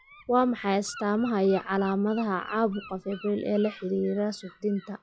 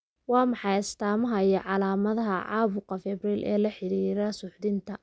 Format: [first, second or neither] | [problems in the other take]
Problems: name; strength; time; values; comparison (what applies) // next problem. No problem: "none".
second | noise reduction (classical method log-MMSE)